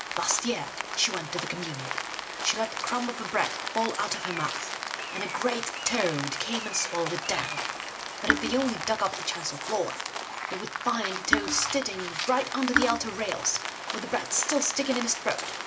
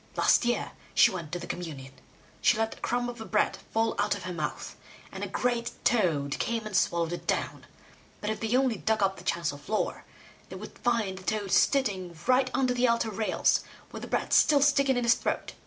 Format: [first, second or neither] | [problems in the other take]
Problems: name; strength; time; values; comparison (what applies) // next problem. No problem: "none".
second | background sound (Rain + Raindrop / Drip); 3 dB below the speech